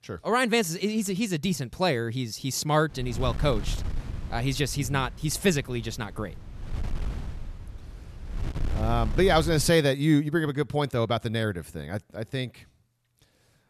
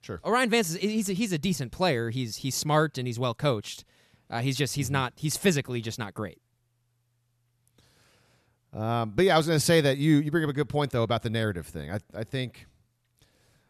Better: second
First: wind noise on the microphone; occasional gusts; from 3 to 9.5 s; 20 dB below the speech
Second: none

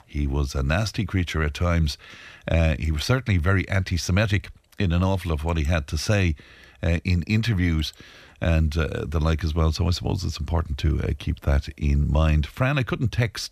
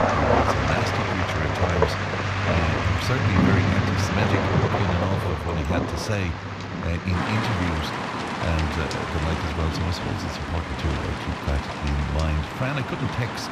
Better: first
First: none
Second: rain or running water; very loud; throughout; 2 dB above the speech

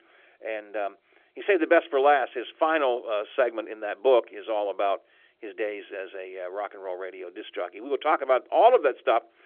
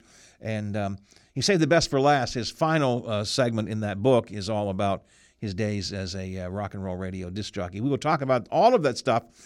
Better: second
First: phone-call audio; nothing above 3.5 kHz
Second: none

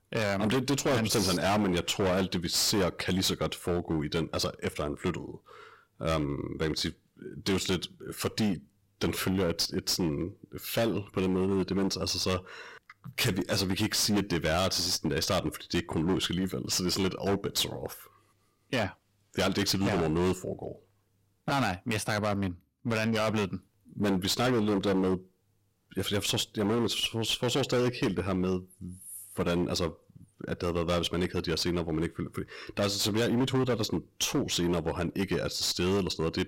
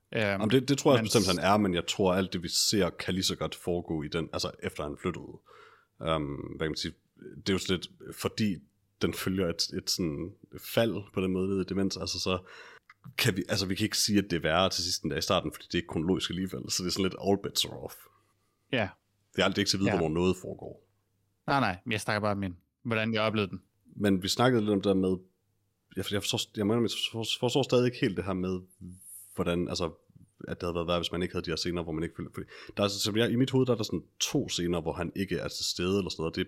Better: second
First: distortion; heavy; 15% of the sound clipped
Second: none

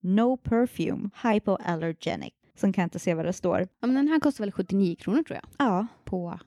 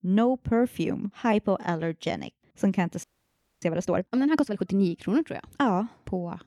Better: first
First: none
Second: audio freezing; at 3 s for 0.5 s

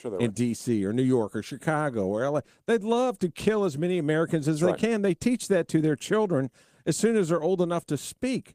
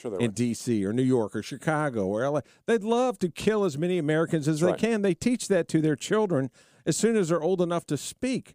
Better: second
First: garbled, watery; slightly; nothing above 15 kHz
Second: none

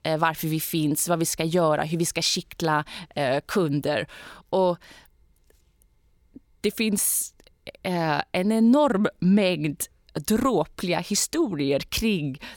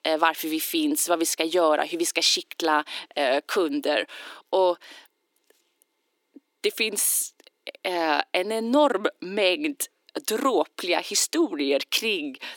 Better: first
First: none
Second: thin; somewhat; fading below 300 Hz

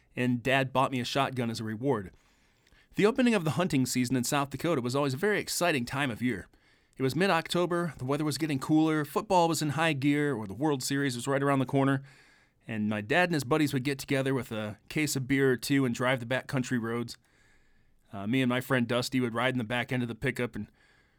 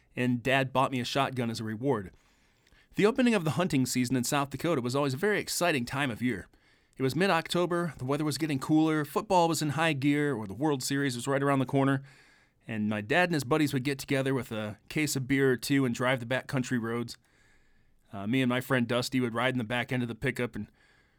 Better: neither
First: none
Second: none

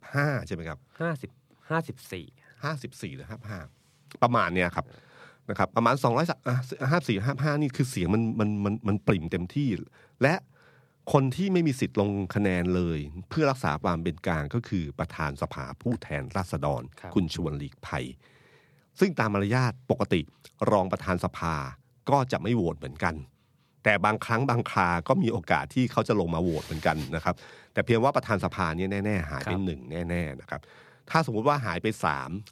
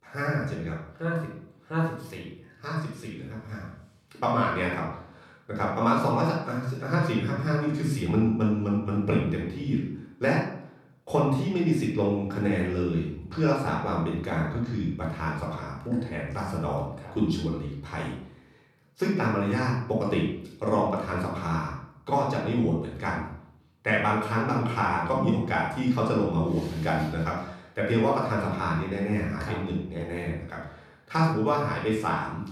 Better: first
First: none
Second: off-mic speech; far // room echo; noticeable; dies away in 0.6 s

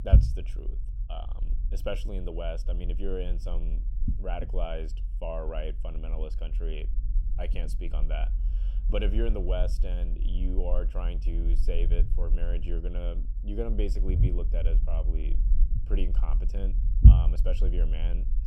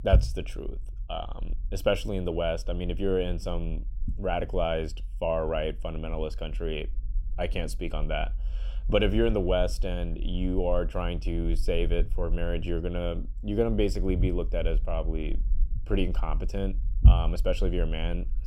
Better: second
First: low rumble; loud; throughout; 7 dB below the speech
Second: low rumble; faint; throughout; 20 dB below the speech

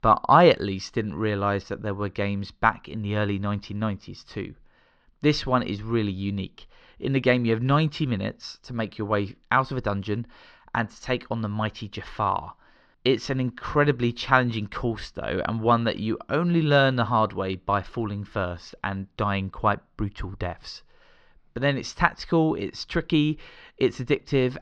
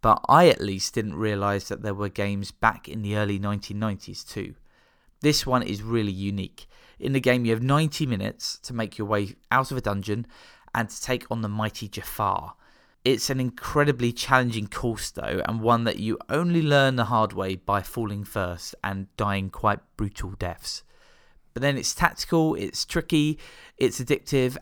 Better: second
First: muffled; very slightly; fading above 4.5 kHz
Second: none

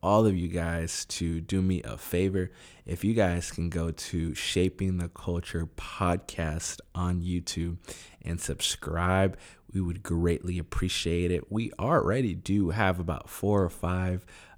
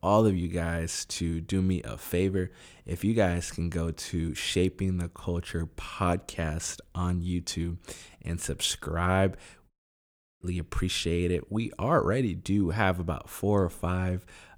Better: first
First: none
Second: audio cutting out; at 9.5 s for 0.5 s

